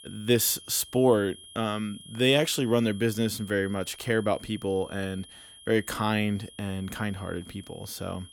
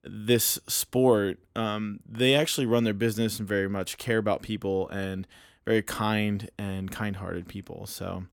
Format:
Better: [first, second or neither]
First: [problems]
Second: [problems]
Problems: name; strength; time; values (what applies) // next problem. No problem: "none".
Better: second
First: high-pitched whine; noticeable; throughout; 3 kHz, 20 dB below the speech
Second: none